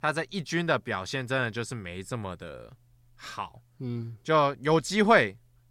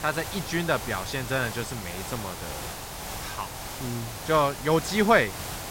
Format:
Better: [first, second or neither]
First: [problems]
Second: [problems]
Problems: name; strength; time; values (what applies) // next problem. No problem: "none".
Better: first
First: none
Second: hiss; loud; throughout; 9 dB below the speech